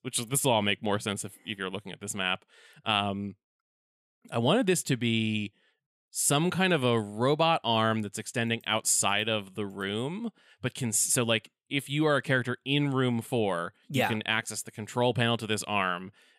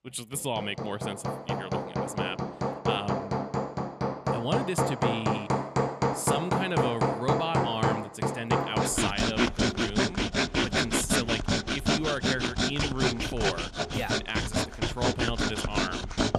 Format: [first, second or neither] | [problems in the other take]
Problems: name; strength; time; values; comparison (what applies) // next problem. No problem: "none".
first | machinery noise; very loud; throughout; 5 dB above the speech